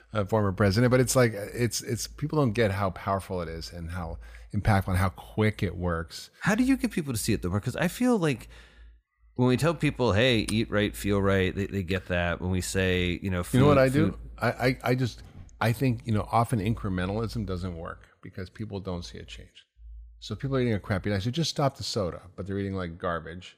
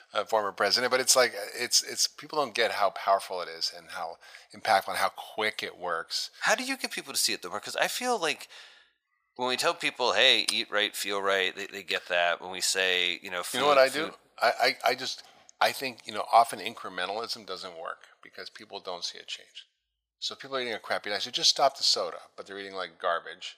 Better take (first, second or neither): first